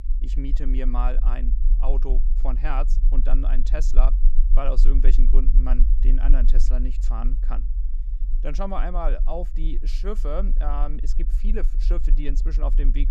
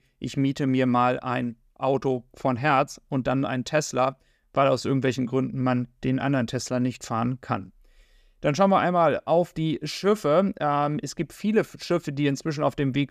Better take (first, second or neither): second